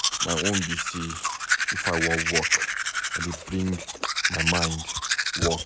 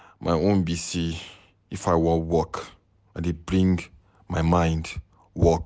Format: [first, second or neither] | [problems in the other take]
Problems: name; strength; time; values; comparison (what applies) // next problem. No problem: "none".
second | background sound (Domestic sounds, home sounds); 3 dB above the speech